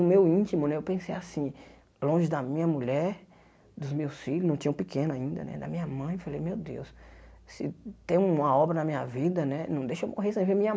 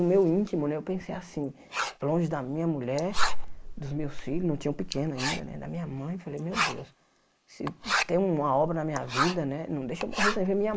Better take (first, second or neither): first